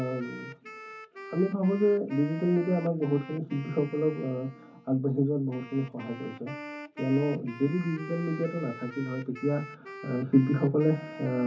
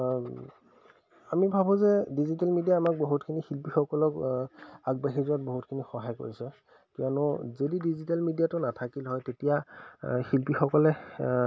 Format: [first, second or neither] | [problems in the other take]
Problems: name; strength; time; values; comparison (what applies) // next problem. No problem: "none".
second | background sound (Wind instrument, woodwind instrument); 15 dB below the speech // room echo; dies away in 0.3 s